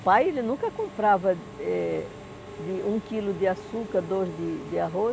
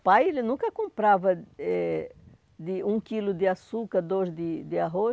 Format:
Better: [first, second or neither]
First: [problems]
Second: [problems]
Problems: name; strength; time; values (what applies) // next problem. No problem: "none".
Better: second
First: background sound (Engine / Mechanisms); 14 dB below the speech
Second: none